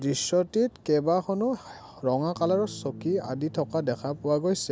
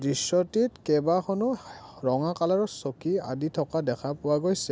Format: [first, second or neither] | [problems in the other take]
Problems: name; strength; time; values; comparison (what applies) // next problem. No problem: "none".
second | background sound (Electric guitar / Strum); 16 dB below the speech